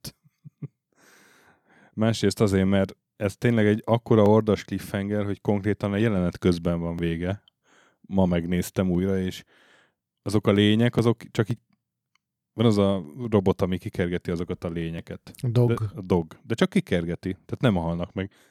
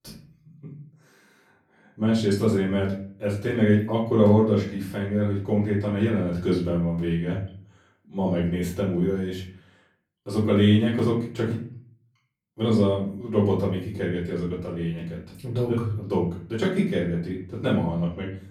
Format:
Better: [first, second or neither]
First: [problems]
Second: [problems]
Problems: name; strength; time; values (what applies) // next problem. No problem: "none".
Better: first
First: none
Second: off-mic speech; far // room echo; slight; dies away in 0.5 s